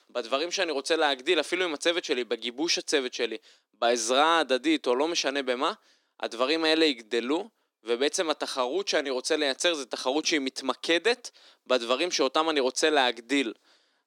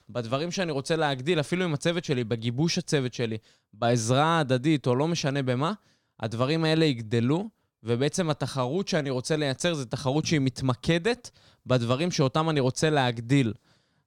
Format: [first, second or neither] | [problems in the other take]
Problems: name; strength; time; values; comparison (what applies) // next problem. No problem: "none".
second | thin; somewhat; fading below 300 Hz